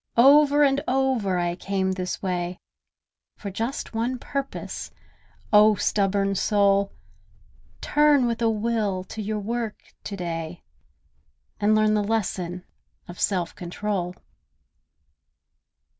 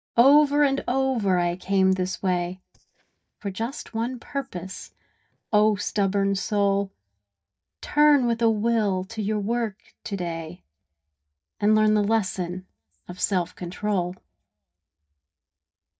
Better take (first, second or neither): first